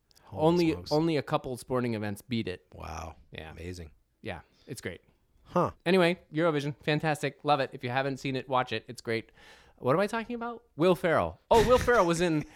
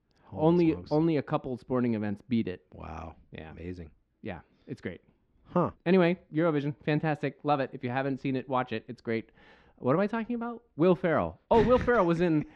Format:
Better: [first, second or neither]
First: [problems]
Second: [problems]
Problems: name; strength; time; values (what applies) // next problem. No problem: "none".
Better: first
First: none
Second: muffled; slightly; fading above 3 kHz